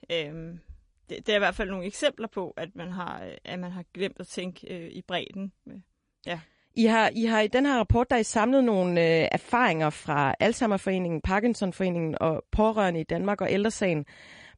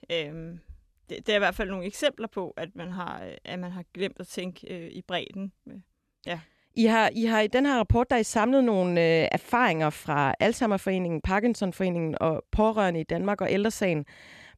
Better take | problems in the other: second | garbled, watery; slightly; nothing above 10.5 kHz

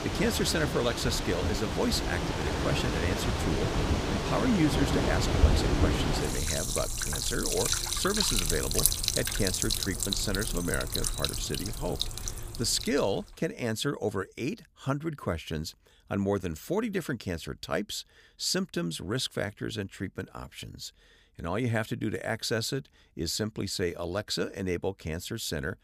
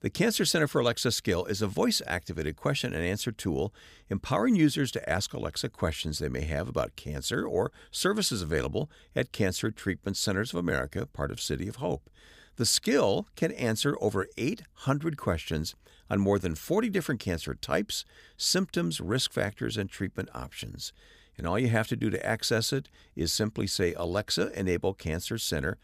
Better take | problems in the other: second | rain or running water; very loud; until 13 s; 2 dB above the speech

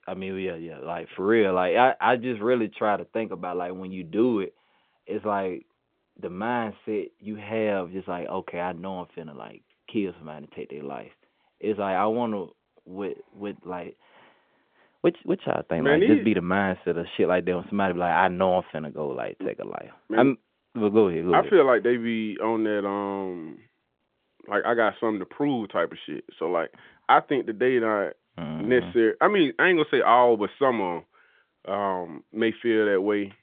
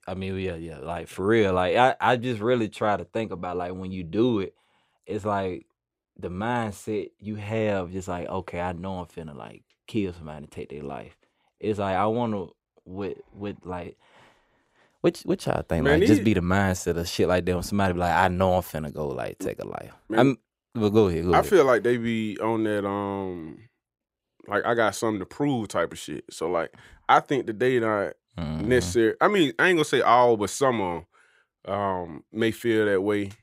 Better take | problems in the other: second | phone-call audio; nothing above 3.5 kHz

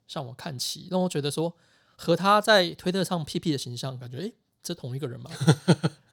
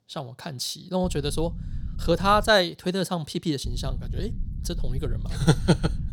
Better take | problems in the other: first | low rumble; faint; from 1 to 2.5 s and from 3.5 s on; 25 dB below the speech

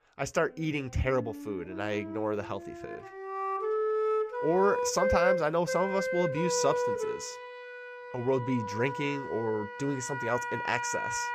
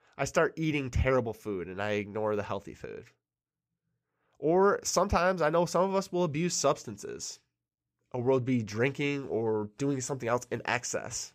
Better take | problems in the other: second | background music; loud; throughout; 2 dB below the speech

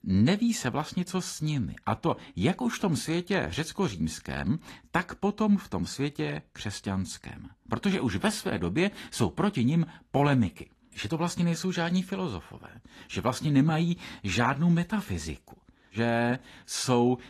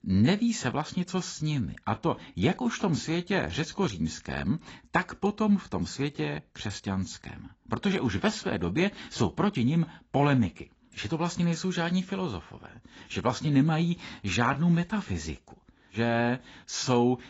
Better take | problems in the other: first | garbled, watery; badly; nothing above 7.5 kHz; slightly in the first

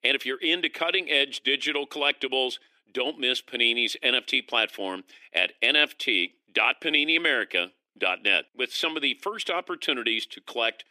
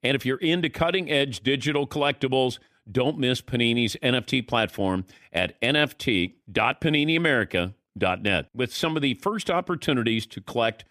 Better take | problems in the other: second | thin; somewhat; fading below 300 Hz

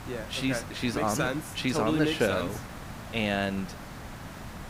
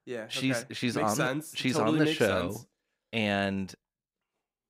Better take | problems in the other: second | hiss; noticeable; throughout; 10 dB below the speech

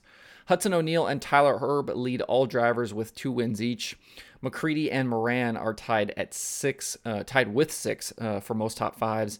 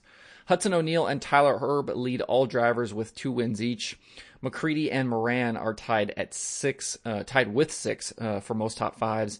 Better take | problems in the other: first | garbled, watery; slightly

